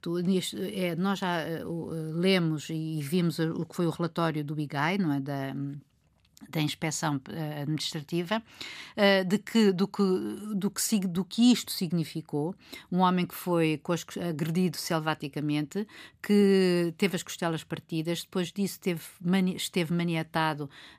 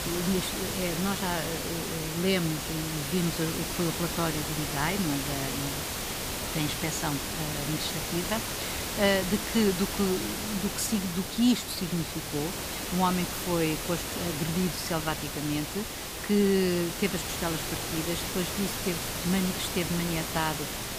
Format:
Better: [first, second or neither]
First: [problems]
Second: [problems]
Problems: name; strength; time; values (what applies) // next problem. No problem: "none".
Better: first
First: none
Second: hiss; loud; throughout; 2 dB below the speech